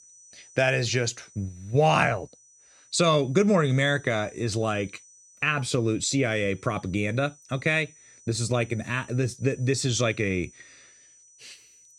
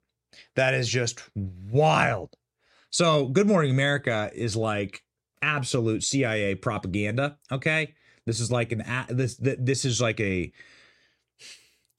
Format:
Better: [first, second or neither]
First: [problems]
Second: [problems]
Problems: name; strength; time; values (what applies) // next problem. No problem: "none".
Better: second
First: high-pitched whine; faint; throughout; 6 kHz, 25 dB below the speech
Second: none